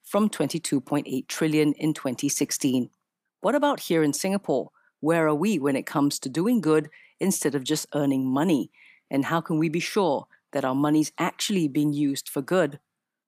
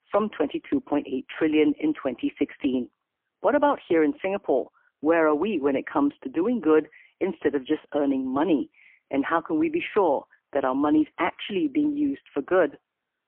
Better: first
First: none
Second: phone-call audio; poor line; nothing above 3 kHz

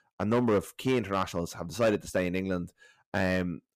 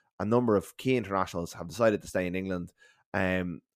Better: second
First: distortion; slight; 4% of the sound clipped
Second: none

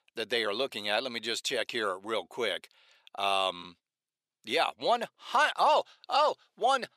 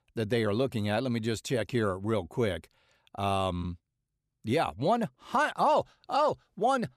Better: second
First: thin; very; fading below 500 Hz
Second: none

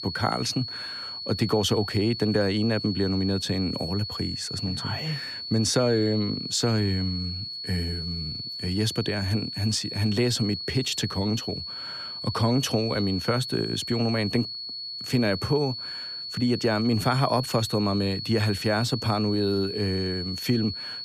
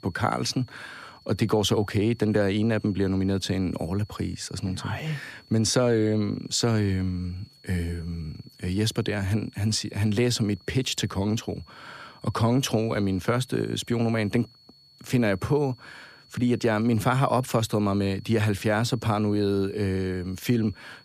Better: second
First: high-pitched whine; loud; throughout; 4.5 kHz, 6 dB below the speech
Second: high-pitched whine; faint; throughout; 4.5 kHz, 25 dB below the speech

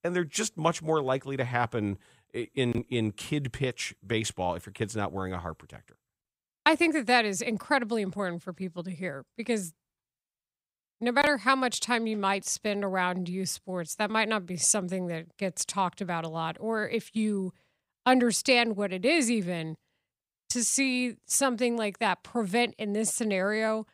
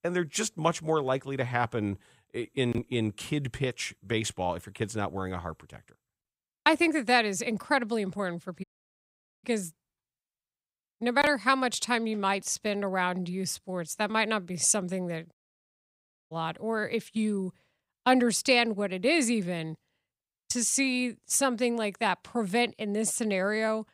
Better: first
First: none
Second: audio cutting out; at 8.5 s for 1 s and at 15 s for 1 s

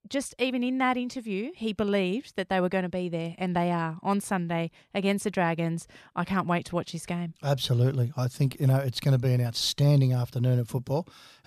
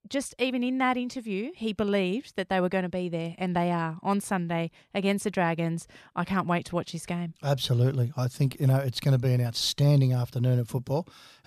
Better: neither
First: none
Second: none

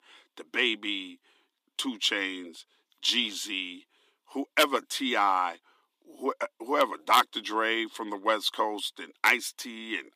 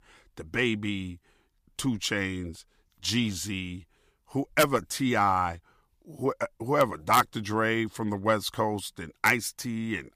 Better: second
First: thin; very slightly; fading below 250 Hz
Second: none

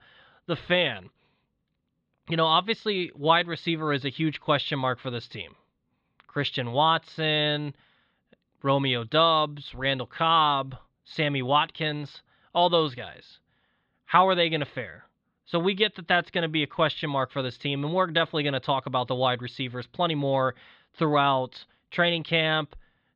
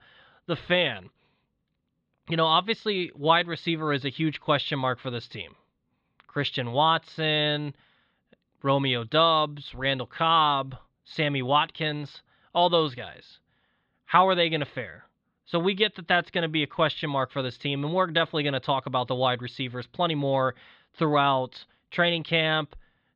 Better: neither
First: muffled; slightly; fading above 4 kHz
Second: muffled; slightly; fading above 4 kHz

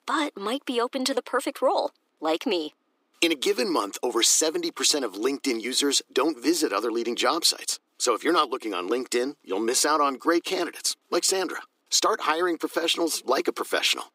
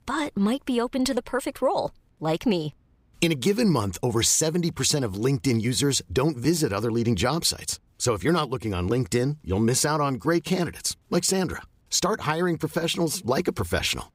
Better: second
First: thin; somewhat; fading below 300 Hz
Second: none

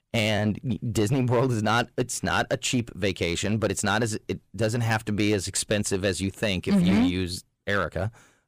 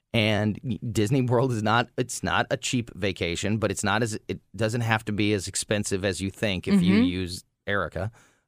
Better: second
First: distortion; slight; 7% of the sound clipped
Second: none

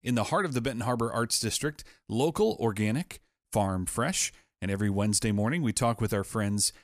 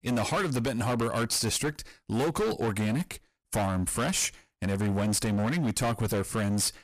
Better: first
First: none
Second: distortion; heavy; 24% of the sound clipped

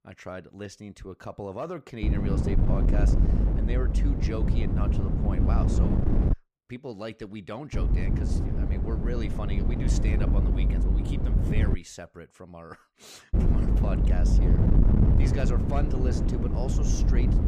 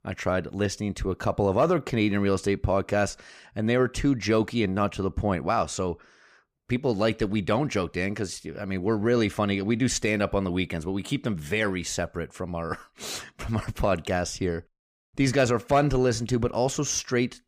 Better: second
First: wind noise on the microphone; heavy; from 2 to 6.5 s, from 7.5 to 12 s and from 13 s on; 2 dB above the speech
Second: none

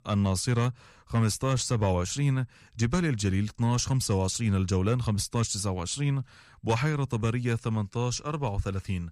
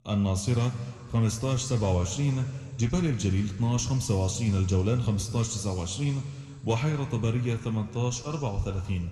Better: first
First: none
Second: room echo; slight; dies away in 2.1 s

